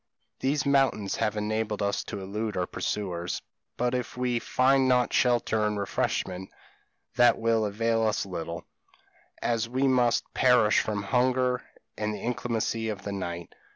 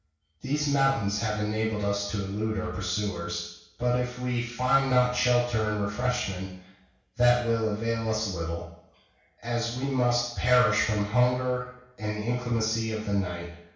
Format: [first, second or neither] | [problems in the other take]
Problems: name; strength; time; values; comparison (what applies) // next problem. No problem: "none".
first | room echo; dies away in 0.6 s